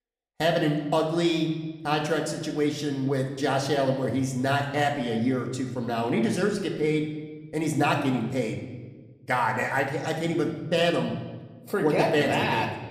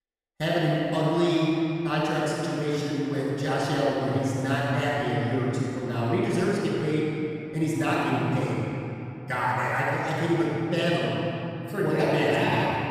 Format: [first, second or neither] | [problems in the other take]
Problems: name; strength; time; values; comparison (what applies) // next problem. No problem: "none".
first | room echo; strong; dies away in 2.9 s; slight in the first // off-mic speech; far; somewhat distant in the first